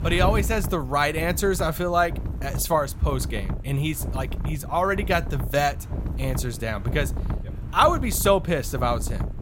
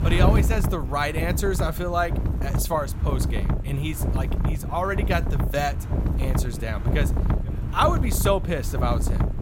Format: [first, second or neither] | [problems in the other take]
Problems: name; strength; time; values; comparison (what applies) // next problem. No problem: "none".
first | wind noise on the microphone; heavy; 9 dB below the speech; occasional gusts in the first